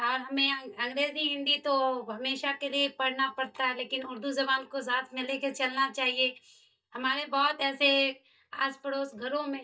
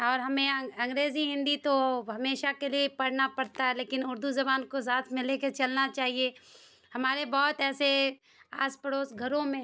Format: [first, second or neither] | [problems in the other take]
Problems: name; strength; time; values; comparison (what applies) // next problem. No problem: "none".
second | noise reduction (neural mask model DeepFilterNet 3)